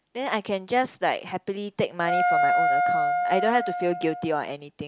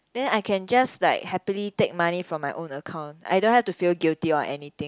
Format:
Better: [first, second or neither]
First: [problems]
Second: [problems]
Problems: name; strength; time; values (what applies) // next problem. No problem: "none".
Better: second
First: background sound (Wind instrument, woodwind instrument); 3 dB above the speech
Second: none